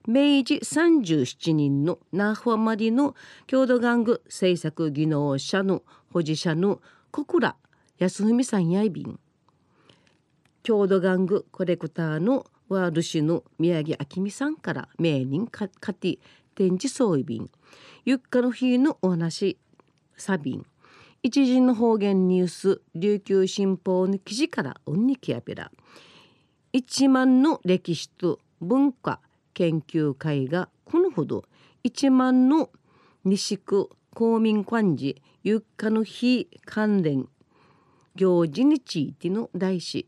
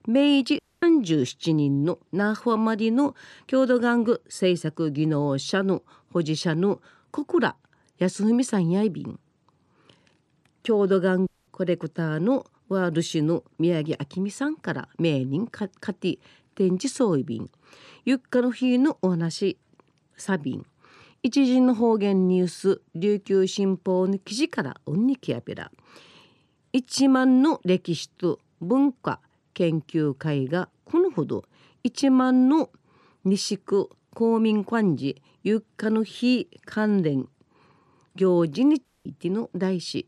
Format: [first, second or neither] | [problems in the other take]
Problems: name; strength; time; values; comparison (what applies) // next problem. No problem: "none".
first | audio cutting out; at 0.5 s, at 11 s and at 39 s